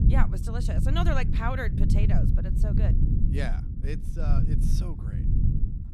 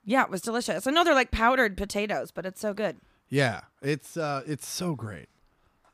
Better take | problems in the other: second | low rumble; loud; throughout; 4 dB below the speech

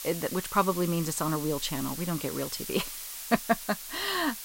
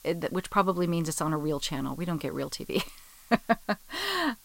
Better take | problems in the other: second | hiss; loud; throughout; 7 dB below the speech; faint in the second

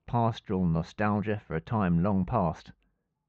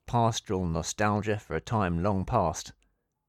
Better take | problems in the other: second | muffled; very; fading above 3 kHz

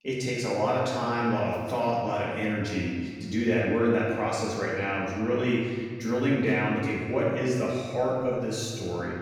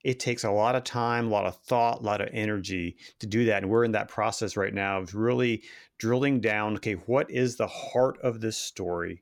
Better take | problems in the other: second | room echo; strong; dies away in 2.1 s // off-mic speech; far

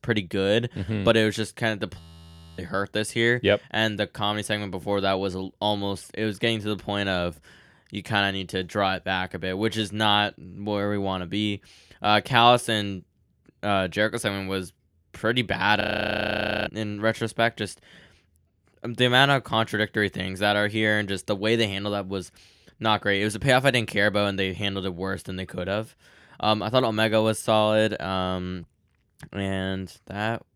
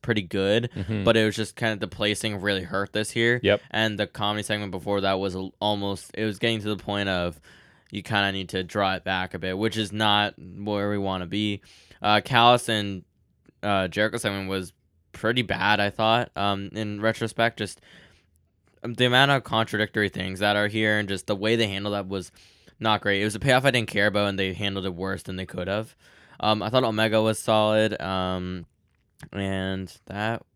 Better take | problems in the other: second | audio freezing; at 2 s for 0.5 s and at 16 s for 1 s

